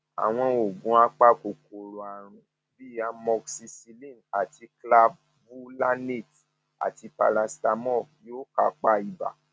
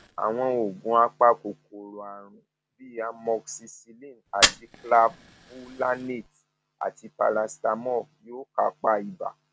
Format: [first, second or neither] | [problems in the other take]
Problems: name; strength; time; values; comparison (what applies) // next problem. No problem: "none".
first | background sound (Fire); 8 dB below the speech